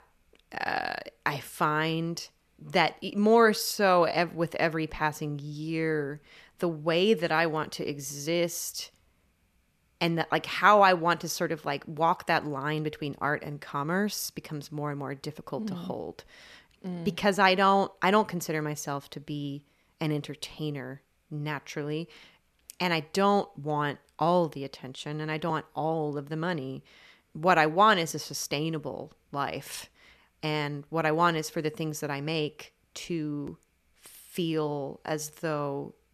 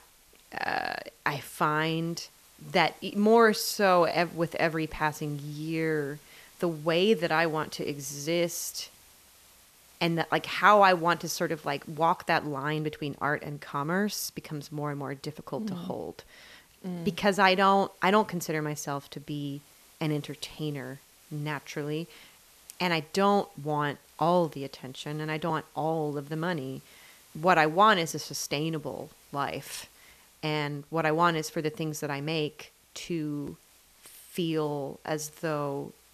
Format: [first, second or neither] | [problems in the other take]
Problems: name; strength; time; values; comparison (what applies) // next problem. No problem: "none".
first | hiss; faint; throughout; 25 dB below the speech